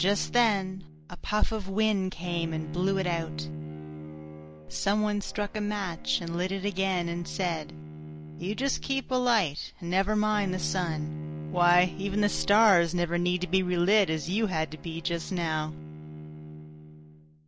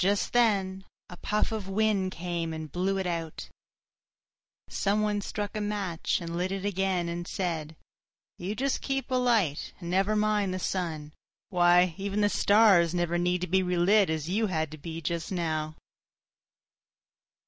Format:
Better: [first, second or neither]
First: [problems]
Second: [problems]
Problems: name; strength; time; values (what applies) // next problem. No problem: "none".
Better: second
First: background sound (Bowed string instrument); 13 dB below the speech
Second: none